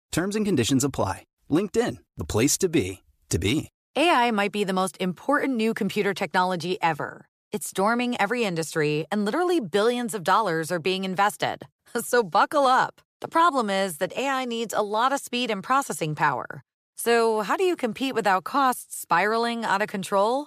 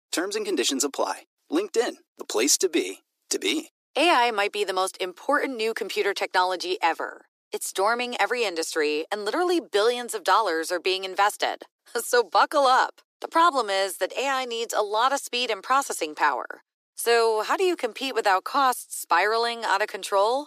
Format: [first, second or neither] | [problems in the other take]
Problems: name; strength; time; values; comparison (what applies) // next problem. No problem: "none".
first | thin; somewhat; fading below 300 Hz